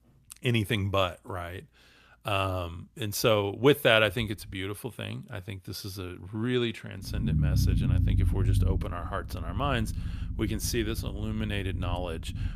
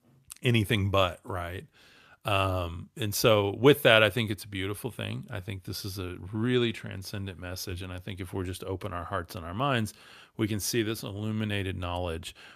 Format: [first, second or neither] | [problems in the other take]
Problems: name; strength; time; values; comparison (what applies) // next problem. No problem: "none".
second | low rumble; noticeable; until 4.5 s and from 7 s on; 15 dB below the speech